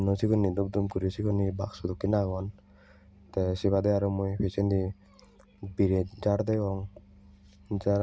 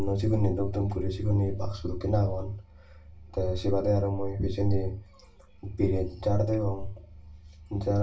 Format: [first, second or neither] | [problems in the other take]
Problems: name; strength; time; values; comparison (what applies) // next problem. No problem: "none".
first | room echo; dies away in 0.2 s